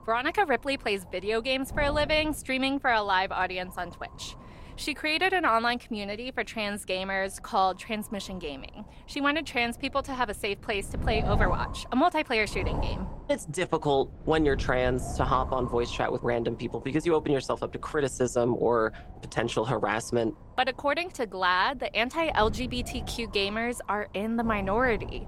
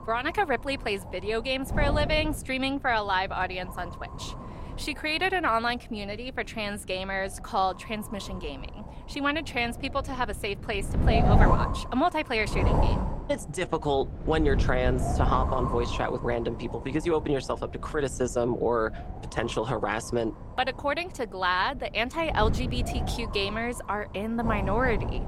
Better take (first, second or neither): first